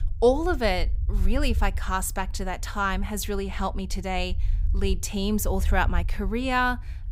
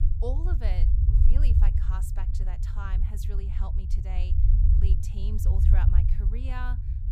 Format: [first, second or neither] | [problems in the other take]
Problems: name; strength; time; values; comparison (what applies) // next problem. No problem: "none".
first | low rumble; loud; throughout; 1 dB below the speech; faint in the first